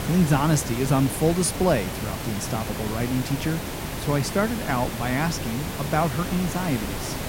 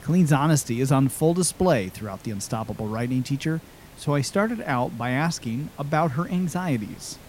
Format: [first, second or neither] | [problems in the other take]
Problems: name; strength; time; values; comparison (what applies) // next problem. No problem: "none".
second | hiss; loud; throughout; 6 dB below the speech; faint in the second